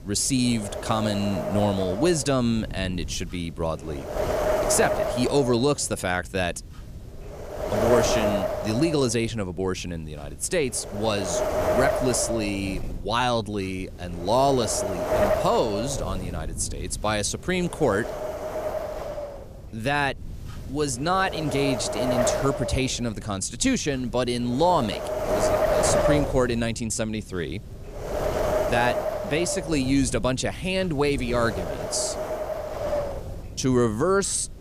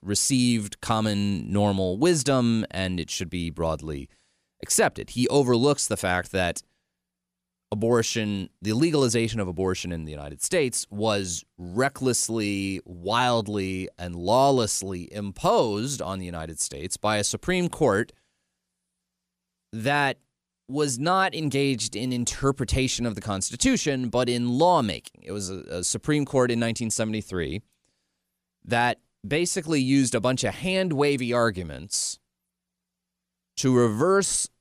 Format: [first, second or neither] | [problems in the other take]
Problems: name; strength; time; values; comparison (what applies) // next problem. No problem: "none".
second | wind noise on the microphone; heavy; as loud as the speech